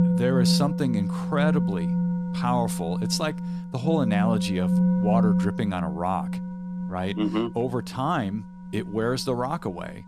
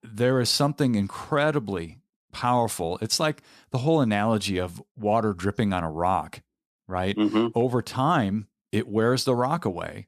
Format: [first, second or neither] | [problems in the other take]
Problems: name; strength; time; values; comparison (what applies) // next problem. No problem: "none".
second | background music; very loud; throughout; 2 dB above the speech